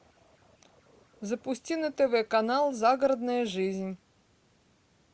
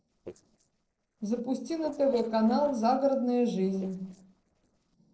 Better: first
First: none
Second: noise reduction (neural separator model SepFormer DNS4)

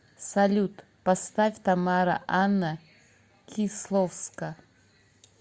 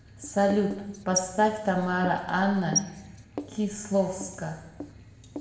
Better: first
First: none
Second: background sound (Writing); 10 dB below the speech // room echo; dies away in 0.9 s

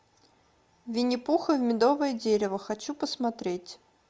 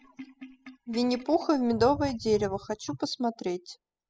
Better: first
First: none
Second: noise reduction (classical method spectral subtraction)

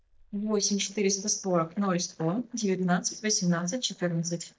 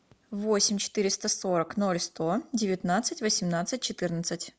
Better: second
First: noise reduction (neural mask model DeepFilterNet 3)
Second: none

